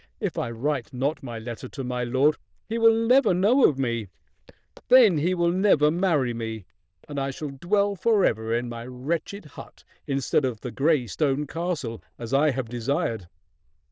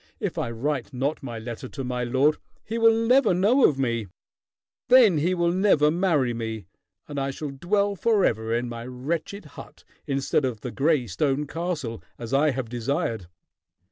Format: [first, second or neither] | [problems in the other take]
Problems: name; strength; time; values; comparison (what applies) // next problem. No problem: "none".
second | noise reduction (neural diffusion model UNIVERSE++)